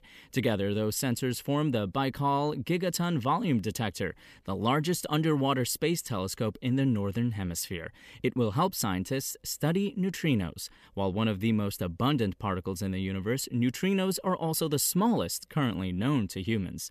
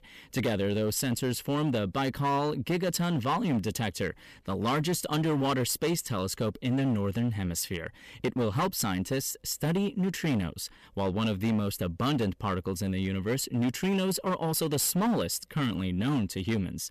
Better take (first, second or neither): first